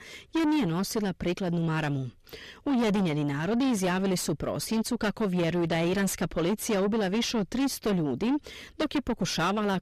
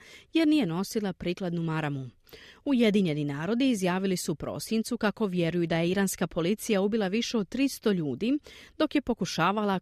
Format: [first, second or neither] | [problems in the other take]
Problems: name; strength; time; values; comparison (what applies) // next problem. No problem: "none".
second | distortion; heavy; 7 dB below the speech